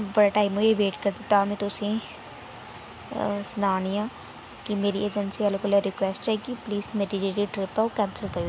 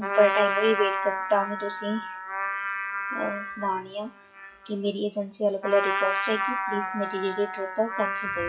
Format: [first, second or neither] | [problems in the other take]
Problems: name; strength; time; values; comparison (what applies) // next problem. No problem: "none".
first | noise reduction (classical method WPE with log-MMSE)